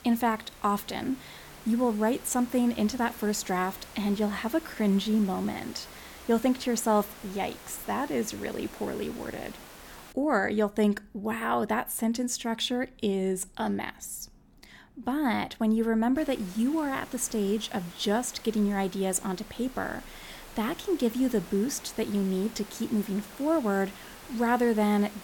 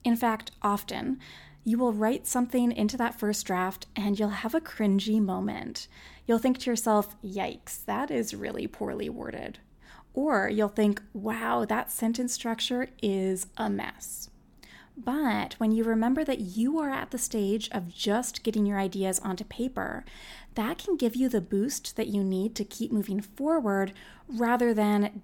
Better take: second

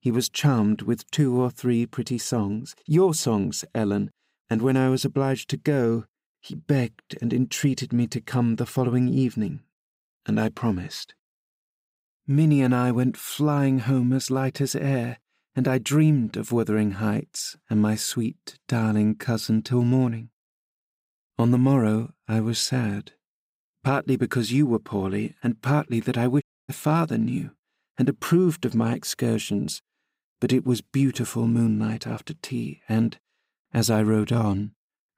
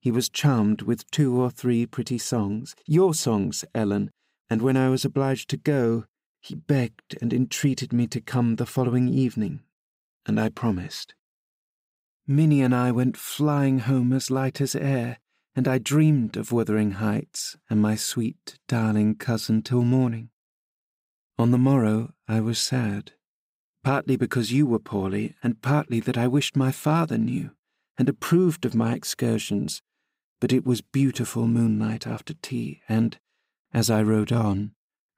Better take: second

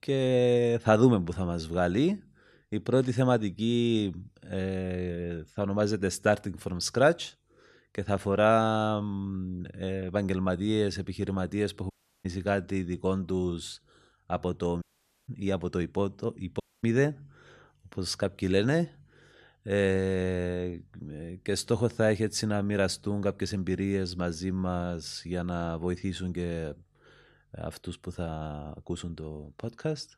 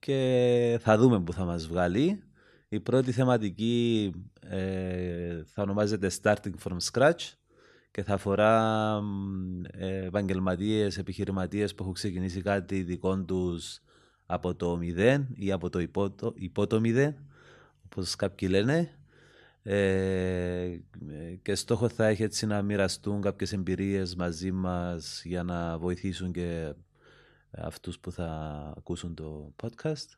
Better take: second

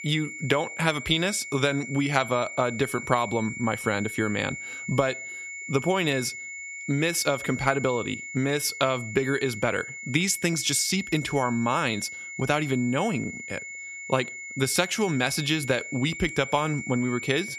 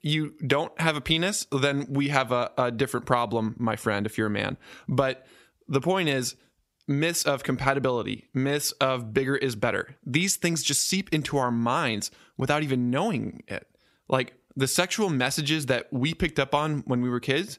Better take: second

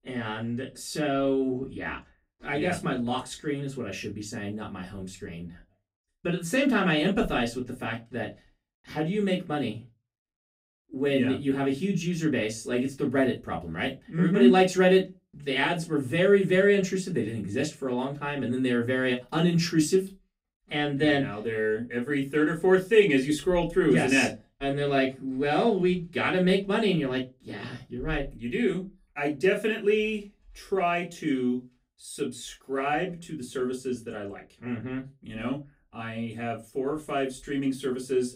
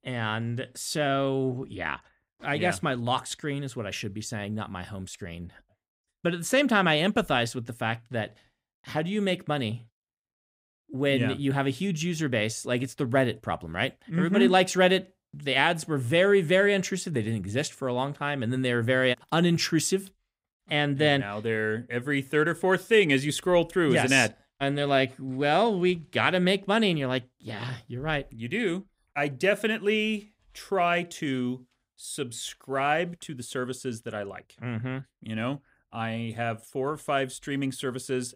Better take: second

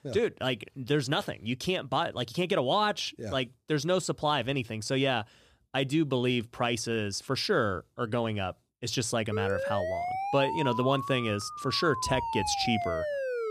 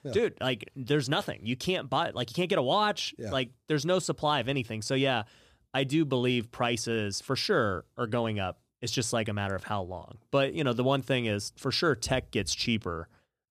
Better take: second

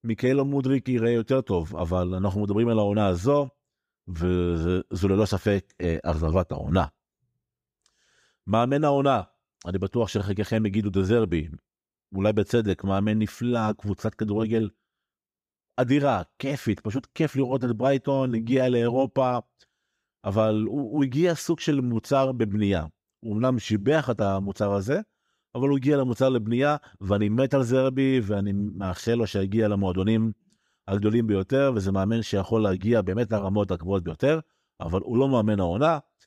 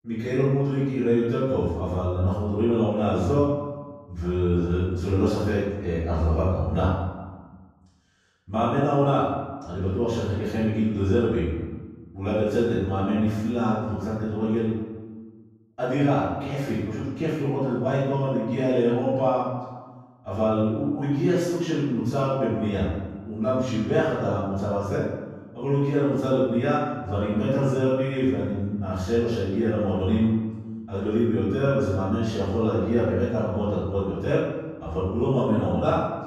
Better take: first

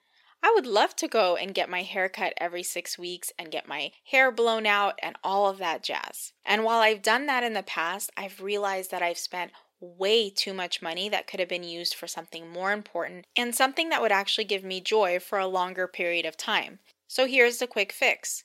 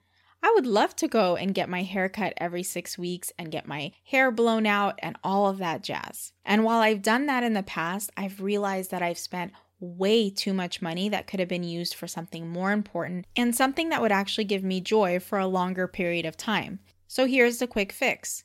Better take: second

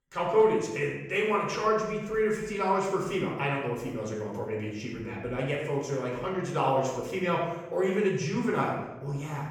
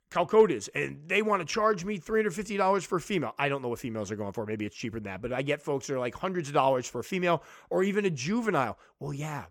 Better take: second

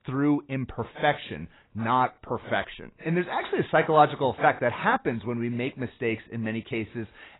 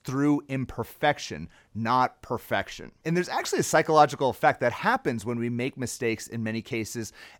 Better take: second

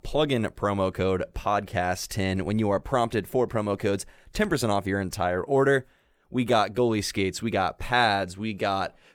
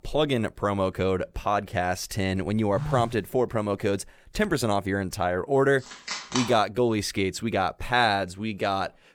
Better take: first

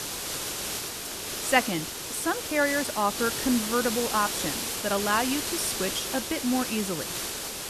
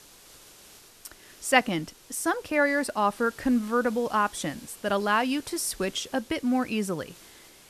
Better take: second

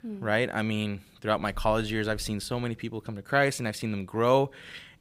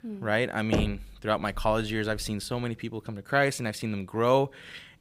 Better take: first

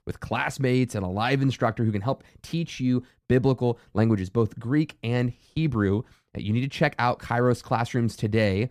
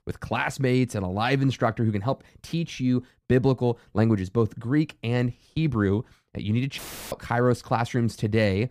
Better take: first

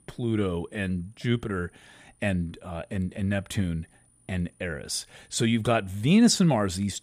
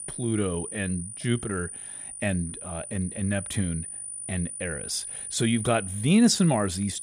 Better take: first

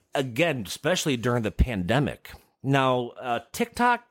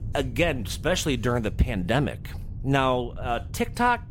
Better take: first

